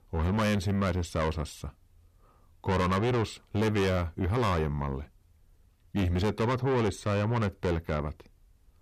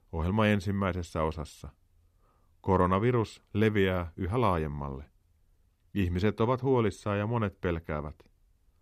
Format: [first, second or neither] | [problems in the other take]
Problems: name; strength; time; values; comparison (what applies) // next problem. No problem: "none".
second | distortion; heavy; 7 dB below the speech